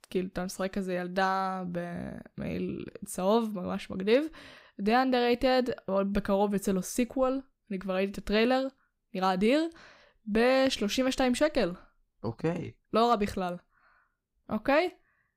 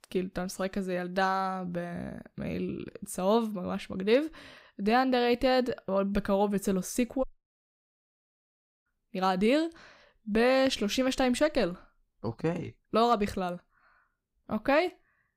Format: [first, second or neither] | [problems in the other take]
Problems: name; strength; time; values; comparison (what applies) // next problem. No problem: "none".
first | audio cutting out; at 7 s for 1.5 s